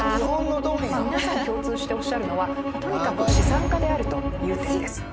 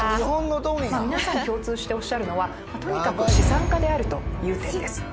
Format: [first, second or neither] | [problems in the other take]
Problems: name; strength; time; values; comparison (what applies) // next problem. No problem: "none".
second | background sound (Bowed string instrument); 4 dB below the speech